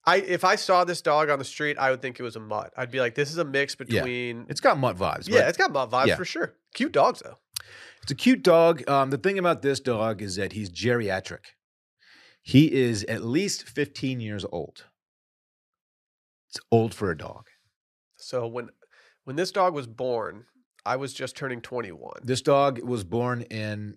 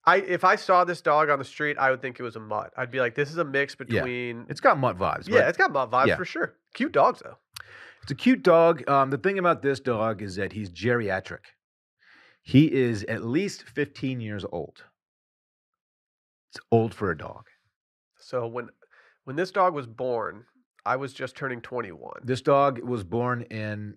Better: first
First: none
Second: muffled; slightly; fading above 3.5 kHz

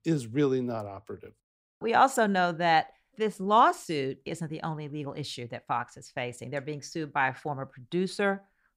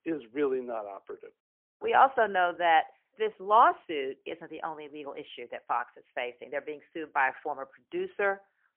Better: first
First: none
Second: phone-call audio; poor line; nothing above 3 kHz

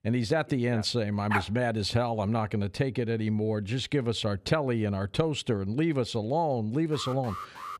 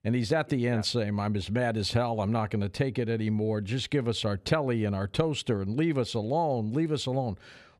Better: second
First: dog barking; noticeable; at 1.5 s; peak 3 dB below the speech // alarm; faint; at 7 s; peak 10 dB below the speech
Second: none

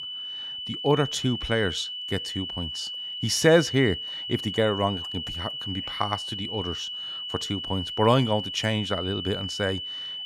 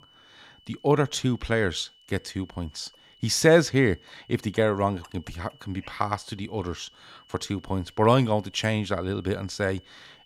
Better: second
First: high-pitched whine; loud; throughout; 3 kHz, 5 dB below the speech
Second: high-pitched whine; faint; throughout; 3 kHz, 30 dB below the speech

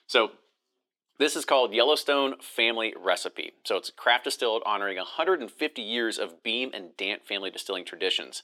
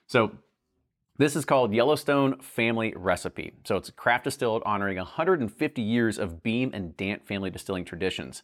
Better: second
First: thin; somewhat; fading below 350 Hz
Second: none

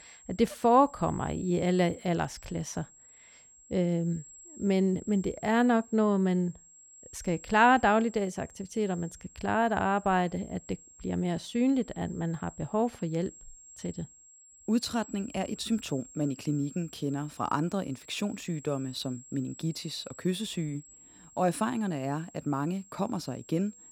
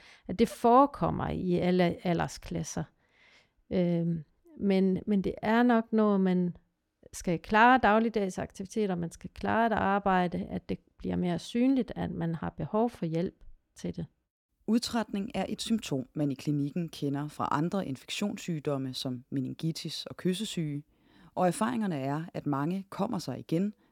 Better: second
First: high-pitched whine; faint; throughout; 7.5 kHz, 20 dB below the speech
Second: none

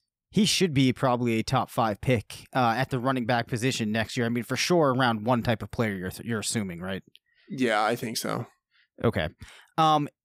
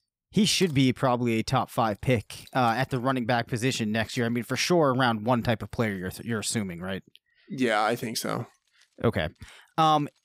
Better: first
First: none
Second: household noises; faint; throughout; 30 dB below the speech

